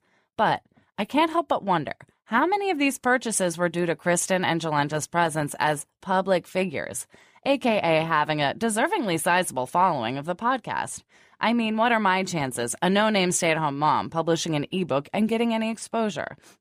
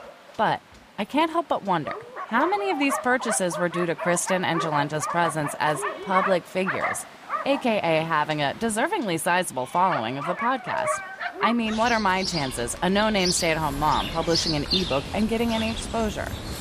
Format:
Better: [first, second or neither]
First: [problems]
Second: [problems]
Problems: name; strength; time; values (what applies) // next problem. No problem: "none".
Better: first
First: none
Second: animal sounds; loud; throughout; 5 dB below the speech